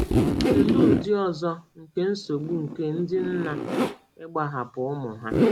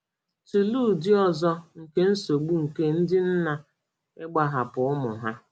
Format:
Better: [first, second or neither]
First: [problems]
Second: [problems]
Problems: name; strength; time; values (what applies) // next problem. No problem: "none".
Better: second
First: background sound (Zipper (clothing)); 3 dB above the speech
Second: none